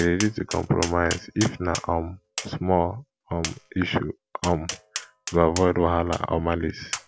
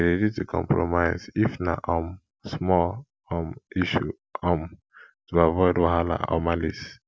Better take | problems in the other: second | background sound (Tap); 12 dB below the speech

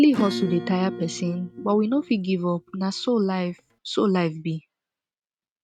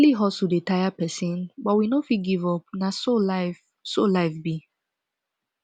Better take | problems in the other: second | noise reduction (neural mask model RNNoise)

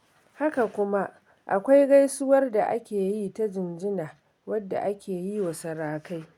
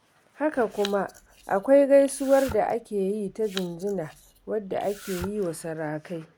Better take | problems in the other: first | background sound (Domestic sounds, home sounds); 18 dB below the speech

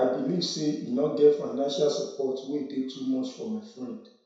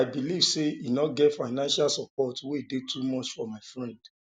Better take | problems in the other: second | room echo; dies away in 0.7 s

